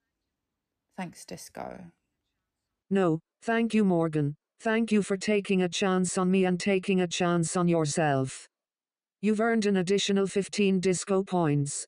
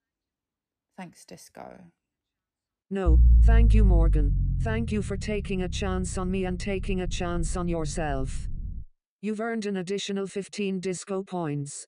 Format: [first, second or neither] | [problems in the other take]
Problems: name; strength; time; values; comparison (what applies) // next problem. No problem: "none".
first | low rumble; noticeable; from 3 to 9 s; 10 dB below the speech